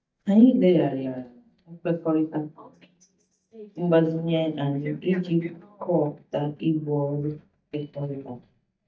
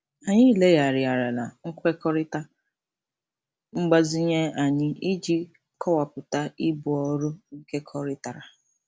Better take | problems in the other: second | noise reduction (neural mask model DeepFilterNet 3)

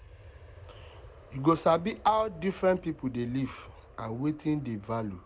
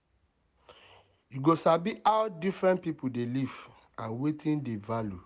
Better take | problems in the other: second | background sound (Aircraft); 20 dB below the speech

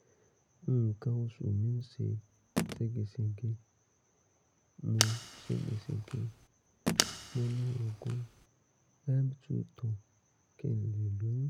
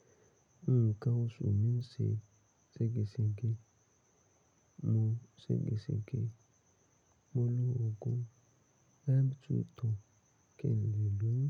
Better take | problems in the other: second | background sound (Telephone + Fire); 3 dB below the speech

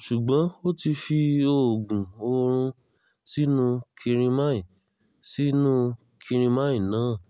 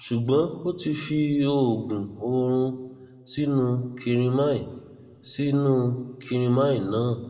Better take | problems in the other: first | room echo; dies away in 1 s

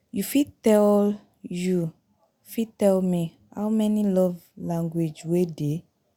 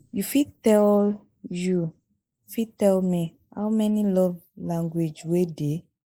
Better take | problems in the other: first | noise reduction (neural mask model Resemble Enhance denoiser)

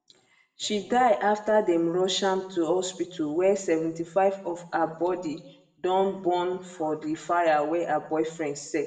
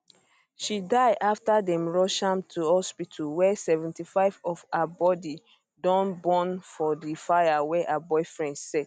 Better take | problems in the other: second | room echo; dies away in 0.6 s

